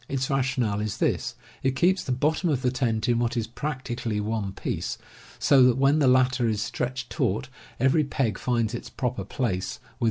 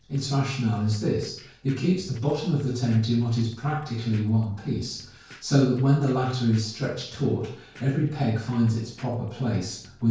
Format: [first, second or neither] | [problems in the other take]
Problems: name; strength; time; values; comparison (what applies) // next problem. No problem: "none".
first | noise reduction (neural separator model SepFormer DNS4)